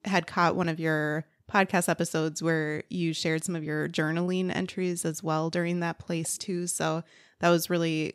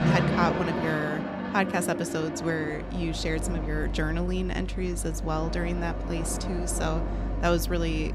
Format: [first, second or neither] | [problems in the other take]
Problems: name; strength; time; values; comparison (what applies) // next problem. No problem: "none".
first | train or aircraft noise; loud; throughout; 2 dB below the speech